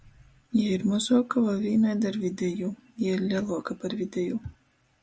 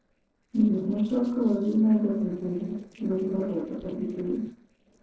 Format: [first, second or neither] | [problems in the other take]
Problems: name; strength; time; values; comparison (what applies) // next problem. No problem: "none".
first | noise reduction (neural separator model SepFormer DNS4)